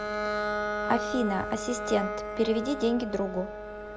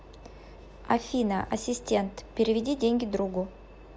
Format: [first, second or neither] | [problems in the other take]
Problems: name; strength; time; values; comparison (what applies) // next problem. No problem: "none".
second | background sound (Bowed string instrument); 3 dB below the speech